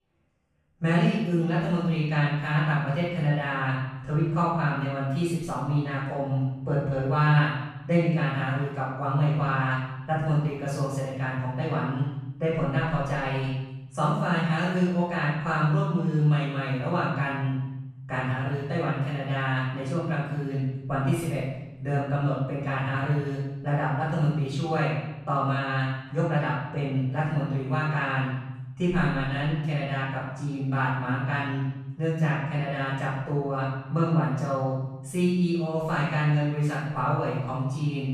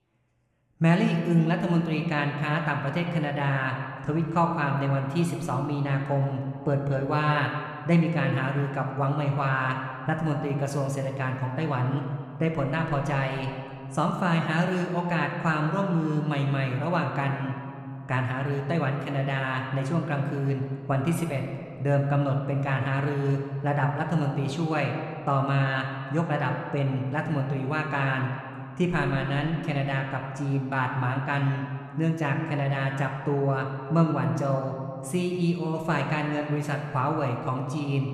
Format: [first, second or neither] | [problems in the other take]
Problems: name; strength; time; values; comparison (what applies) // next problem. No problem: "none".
second | room echo; strong; dies away in 1 s; slight in the second // off-mic speech; far